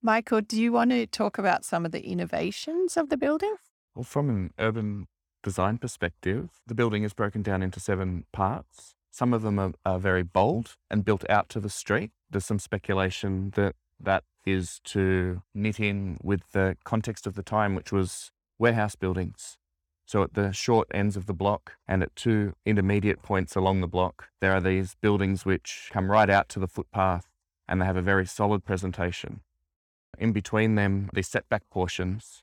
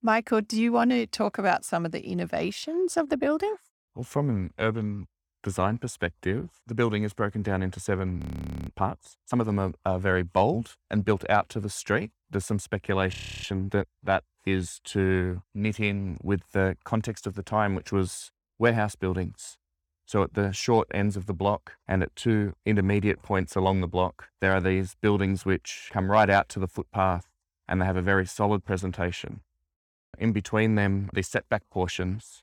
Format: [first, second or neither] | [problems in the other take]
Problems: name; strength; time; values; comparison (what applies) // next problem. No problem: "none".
first | audio freezing; at 8 s and at 13 s